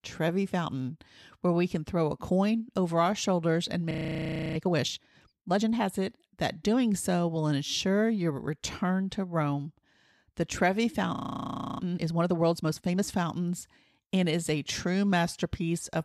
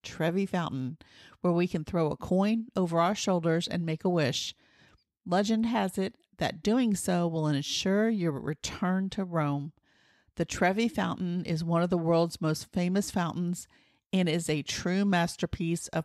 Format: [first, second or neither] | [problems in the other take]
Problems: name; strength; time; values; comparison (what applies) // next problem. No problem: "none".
second | audio freezing; at 4 s for 0.5 s and at 11 s for 0.5 s